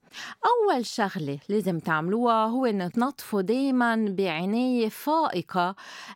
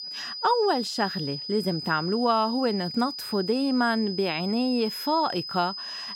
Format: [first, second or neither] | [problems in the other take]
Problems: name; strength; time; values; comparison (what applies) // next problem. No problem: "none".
first | high-pitched whine; loud; throughout; 5 kHz, 7 dB below the speech